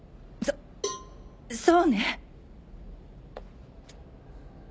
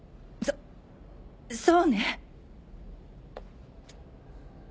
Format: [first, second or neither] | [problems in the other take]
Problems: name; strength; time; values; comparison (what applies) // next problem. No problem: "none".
second | background sound (Cowbell); 12 dB below the speech